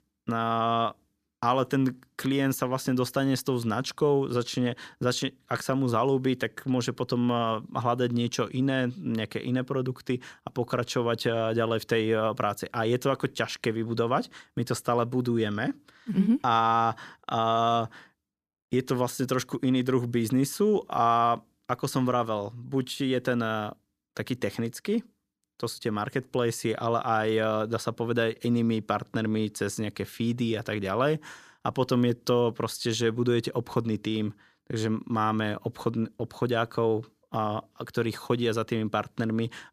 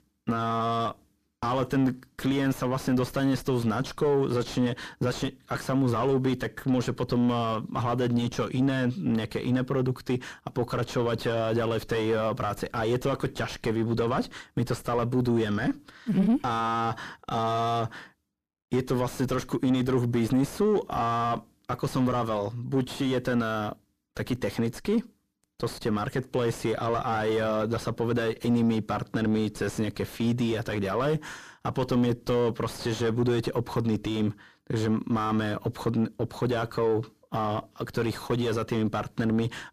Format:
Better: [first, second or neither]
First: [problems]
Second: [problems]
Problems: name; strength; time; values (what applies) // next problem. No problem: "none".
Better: first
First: none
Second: distortion; heavy; 6 dB below the speech